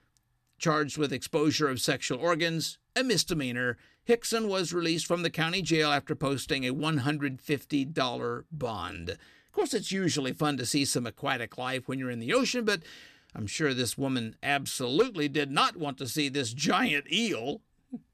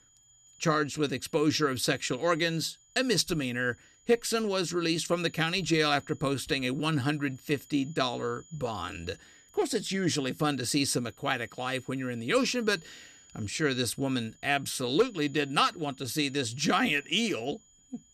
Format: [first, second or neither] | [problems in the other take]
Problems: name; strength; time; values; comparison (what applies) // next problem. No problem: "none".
first | high-pitched whine; faint; throughout; 7 kHz, 25 dB below the speech